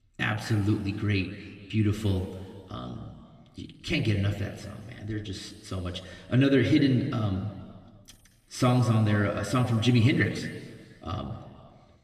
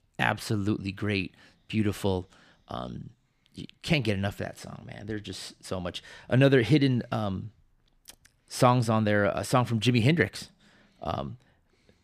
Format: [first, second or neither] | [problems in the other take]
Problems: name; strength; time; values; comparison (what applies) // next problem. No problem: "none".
second | room echo; noticeable; dies away in 1.8 s // off-mic speech; somewhat distant